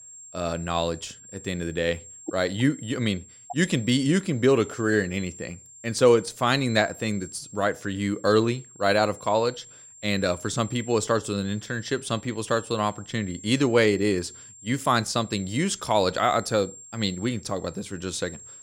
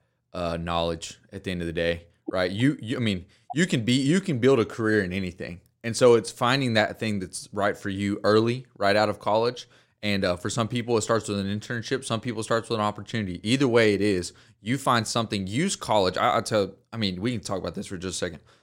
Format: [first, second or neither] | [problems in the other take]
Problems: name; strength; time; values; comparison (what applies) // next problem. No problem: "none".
second | high-pitched whine; noticeable; throughout; 7.5 kHz, 20 dB below the speech